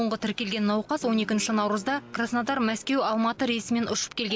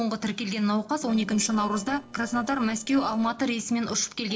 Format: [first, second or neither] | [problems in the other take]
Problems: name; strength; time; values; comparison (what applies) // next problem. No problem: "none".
first | noise reduction (neural separator model SepFormer DNS4)